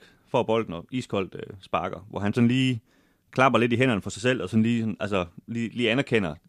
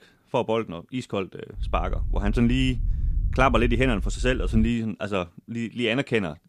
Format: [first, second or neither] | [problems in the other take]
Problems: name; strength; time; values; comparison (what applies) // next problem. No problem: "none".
first | low rumble; faint; from 1.5 to 4.5 s; 25 dB below the speech